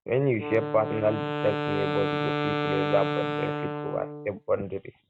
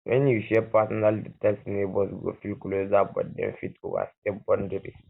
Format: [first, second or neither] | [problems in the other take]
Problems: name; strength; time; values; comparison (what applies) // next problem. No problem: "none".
second | noise reduction (neural mask model RNNoise)